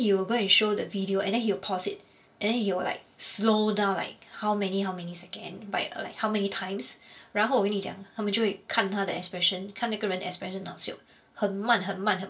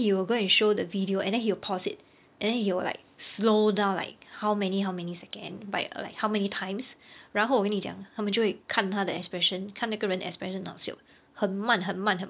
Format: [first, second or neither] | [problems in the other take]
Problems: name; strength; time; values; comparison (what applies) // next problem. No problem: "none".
second | room echo; dies away in 0.2 s